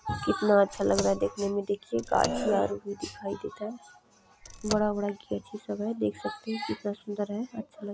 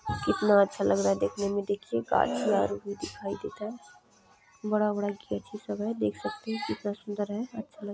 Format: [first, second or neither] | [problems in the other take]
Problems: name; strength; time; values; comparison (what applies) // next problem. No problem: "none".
second | background sound (Car); 8 dB below the speech